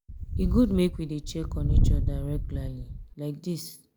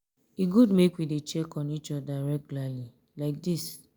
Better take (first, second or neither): second